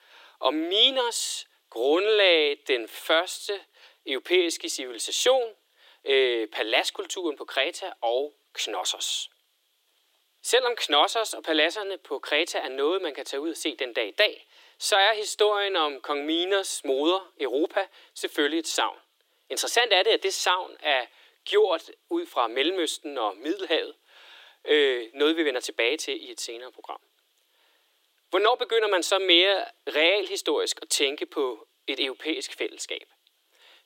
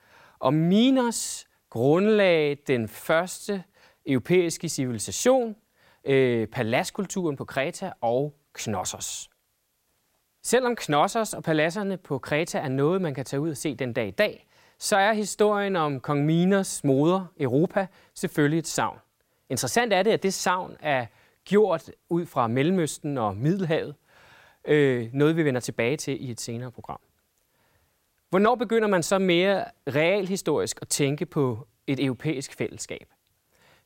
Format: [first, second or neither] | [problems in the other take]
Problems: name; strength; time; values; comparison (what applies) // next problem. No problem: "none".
second | thin; very; fading below 300 Hz